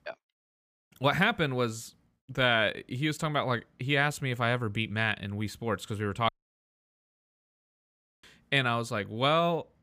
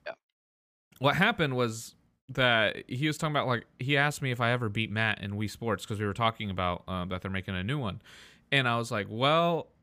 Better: second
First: audio cutting out; at 6.5 s for 2 s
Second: none

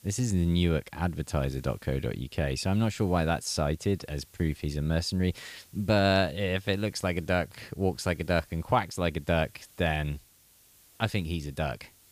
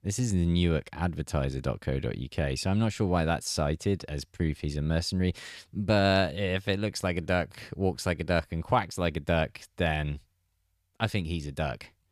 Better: second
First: hiss; faint; throughout; 25 dB below the speech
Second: none

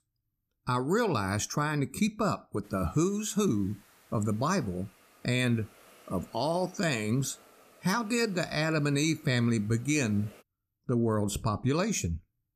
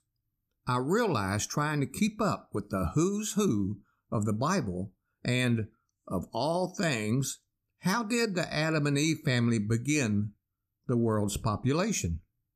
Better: second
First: hiss; faint; from 2.5 to 10 s; 25 dB below the speech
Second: none

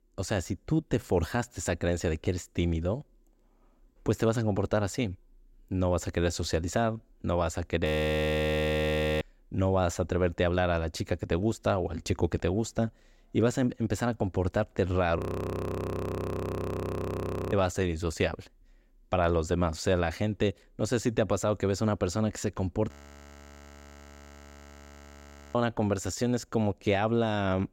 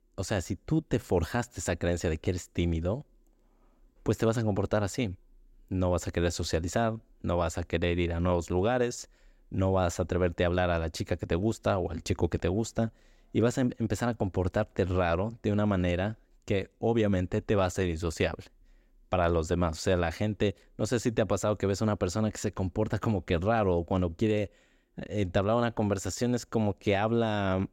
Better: second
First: audio freezing; at 8 s for 1.5 s, at 15 s for 2.5 s and at 23 s for 2.5 s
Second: none

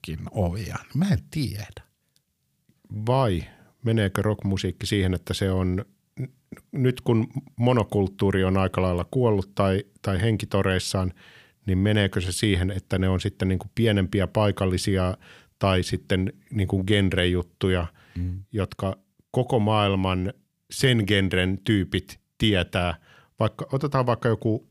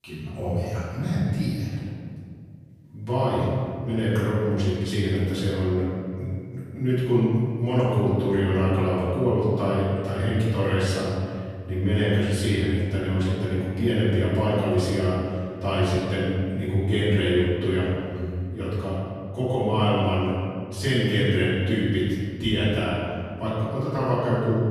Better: first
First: none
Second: off-mic speech; far // room echo; strong; dies away in 2 s

